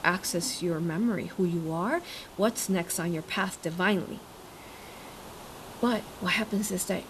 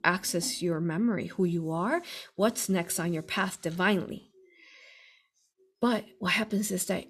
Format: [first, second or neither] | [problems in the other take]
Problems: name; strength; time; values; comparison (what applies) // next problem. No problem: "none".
second | hiss; noticeable; throughout; 15 dB below the speech